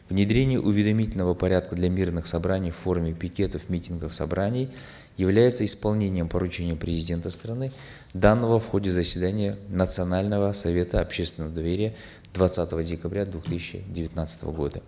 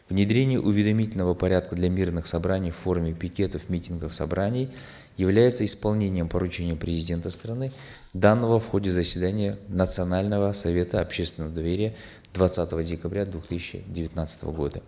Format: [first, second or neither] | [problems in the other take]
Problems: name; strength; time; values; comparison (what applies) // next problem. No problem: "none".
first | noise reduction (neural mask model Resemble Enhance denoiser)